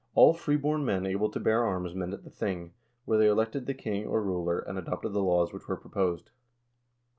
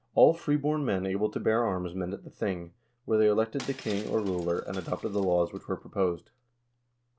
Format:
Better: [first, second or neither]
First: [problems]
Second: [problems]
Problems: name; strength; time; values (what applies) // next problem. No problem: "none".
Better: first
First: none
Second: background sound (Shatter); 20 dB below the speech